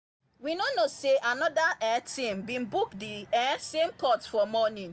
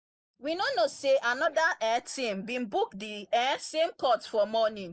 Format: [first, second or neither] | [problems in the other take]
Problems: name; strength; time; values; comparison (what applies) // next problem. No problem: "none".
first | noise reduction (neural mask model Resemble Enhance denoiser)